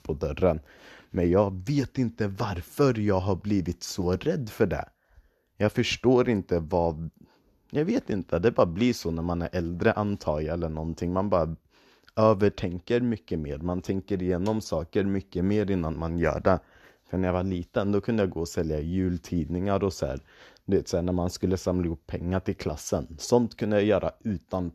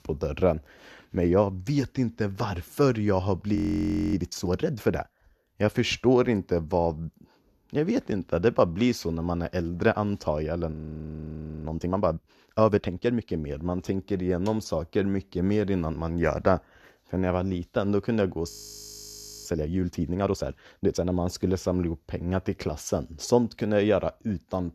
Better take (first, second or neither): first